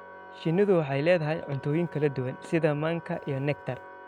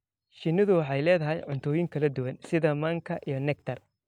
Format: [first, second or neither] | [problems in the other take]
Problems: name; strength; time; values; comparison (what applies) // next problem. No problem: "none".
second | background sound (Organ + Wind instrument, woodwind instrument); 18 dB below the speech